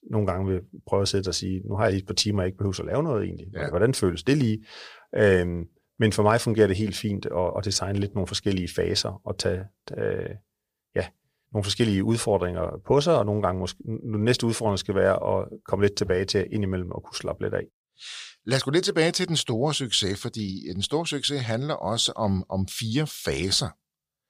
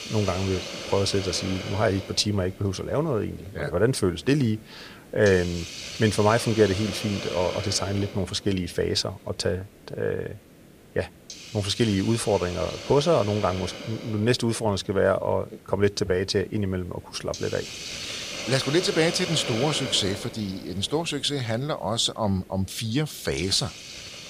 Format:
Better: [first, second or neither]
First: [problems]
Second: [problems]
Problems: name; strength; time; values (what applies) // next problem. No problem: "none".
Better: first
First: none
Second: hiss; loud; throughout; 9 dB below the speech